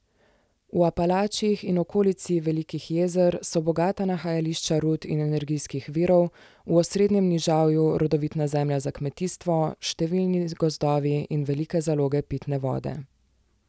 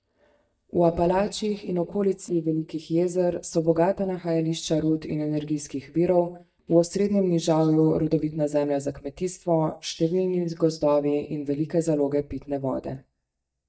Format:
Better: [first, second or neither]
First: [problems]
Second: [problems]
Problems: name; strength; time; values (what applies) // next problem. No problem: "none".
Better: first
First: none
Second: noise reduction (neural mask model DeepFilterNet 3)